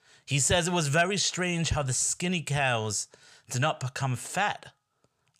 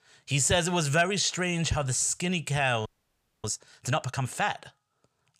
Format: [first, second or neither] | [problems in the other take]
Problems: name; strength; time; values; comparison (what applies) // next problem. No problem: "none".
first | audio freezing; at 3 s for 0.5 s